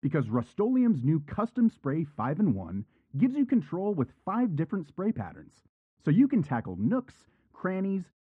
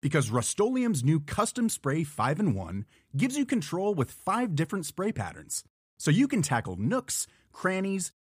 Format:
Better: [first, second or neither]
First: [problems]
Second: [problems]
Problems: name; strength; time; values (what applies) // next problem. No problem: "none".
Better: second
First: muffled; very; fading above 1.5 kHz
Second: none